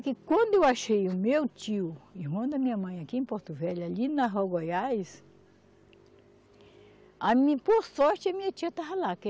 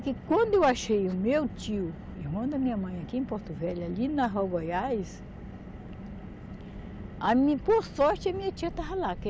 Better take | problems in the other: first | background sound (Car); 12 dB below the speech

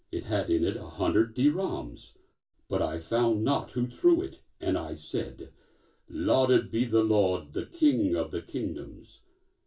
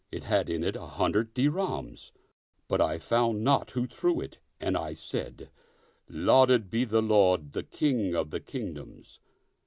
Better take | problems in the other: second | room echo; dies away in 0.2 s

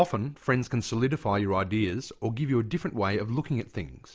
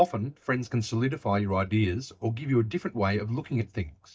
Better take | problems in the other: first | noise reduction (neural mask model DeepFilterNet 3)

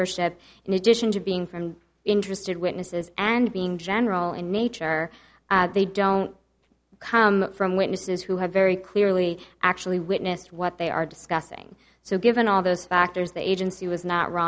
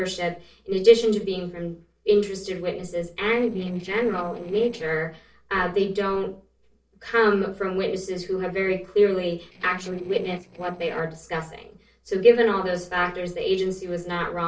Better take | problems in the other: first | noise reduction (neural separator model SepFormer DNS4)

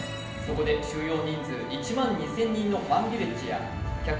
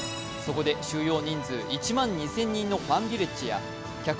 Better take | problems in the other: second | background sound (Crowd); 11 dB below the speech // room echo; dies away in 0.8 s

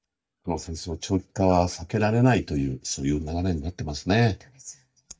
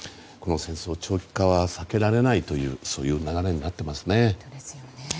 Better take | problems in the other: second | noise reduction (neural mask model DeepFilterNet 3)

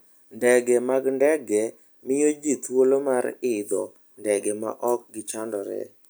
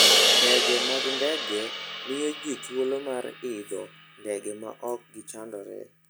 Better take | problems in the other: first | background sound (Crash cymbal); 5 dB above the speech

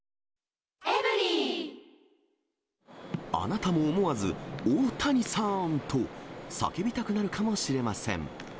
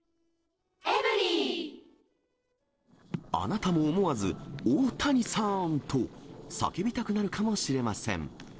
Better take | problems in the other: first | noise reduction (neural separator model SepFormer DNS4)

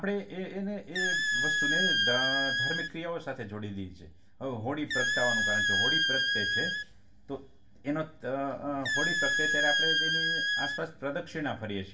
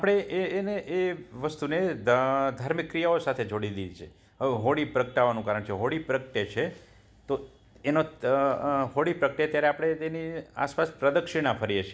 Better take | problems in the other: second | background sound (Squeak); 4 dB above the speech // room echo; dies away in 0.2 s

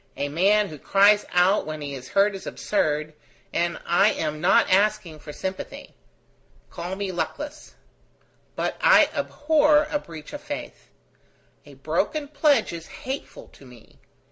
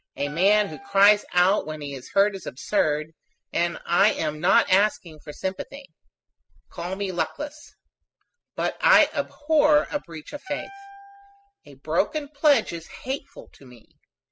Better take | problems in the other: first | noise reduction (classical method spectral subtraction)

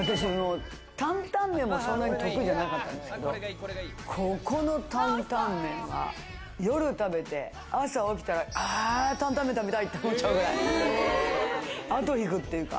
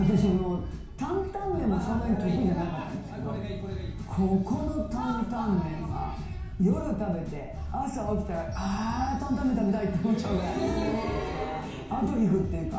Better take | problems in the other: first | background sound (Wind); 15 dB below the speech // room echo; dies away in 0.6 s

